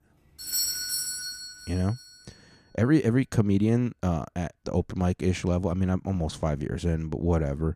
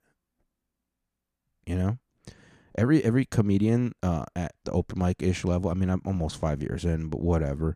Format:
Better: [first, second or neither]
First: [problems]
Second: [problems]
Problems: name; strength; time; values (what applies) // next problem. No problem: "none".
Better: second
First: doorbell; loud; until 1.5 s; peak 1 dB above the speech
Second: none